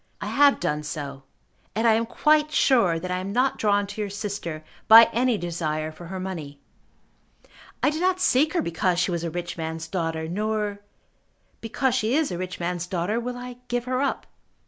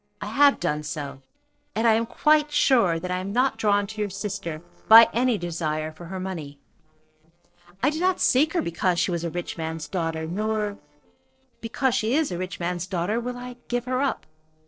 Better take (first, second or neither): first